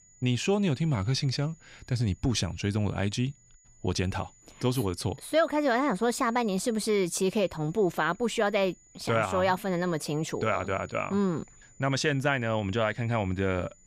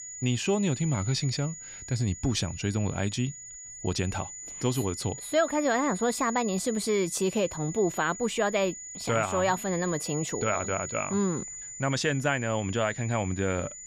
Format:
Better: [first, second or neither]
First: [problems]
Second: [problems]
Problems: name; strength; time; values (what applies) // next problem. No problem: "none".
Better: first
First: high-pitched whine; faint; throughout; 7 kHz, 30 dB below the speech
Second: high-pitched whine; loud; throughout; 7 kHz, 10 dB below the speech